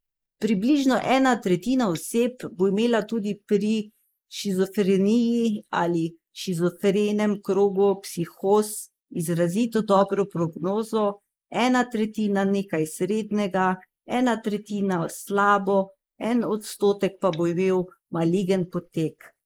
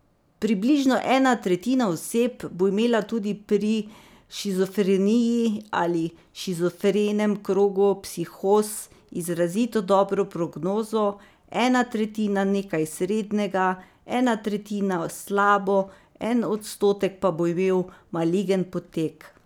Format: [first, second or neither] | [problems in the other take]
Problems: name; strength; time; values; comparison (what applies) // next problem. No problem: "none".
second | noise reduction (neural mask model Resemble Enhance denoiser)